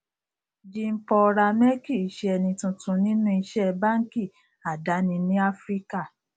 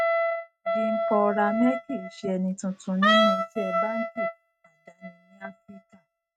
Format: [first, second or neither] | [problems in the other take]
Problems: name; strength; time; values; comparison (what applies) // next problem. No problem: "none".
first | noise reduction (neural mask model RNNoise)